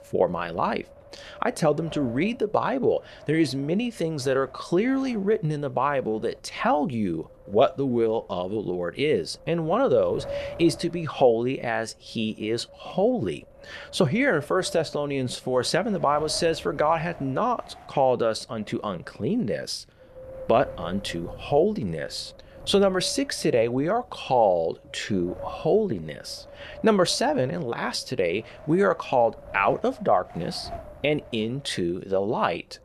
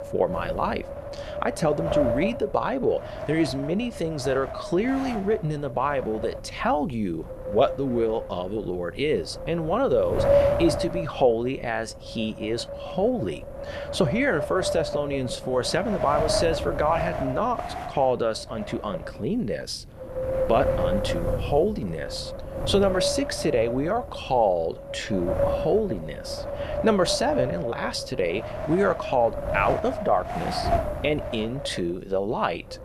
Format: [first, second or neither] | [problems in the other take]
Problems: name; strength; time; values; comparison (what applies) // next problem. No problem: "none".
first | wind noise on the microphone; heavy; 4 dB below the speech; occasional gusts in the first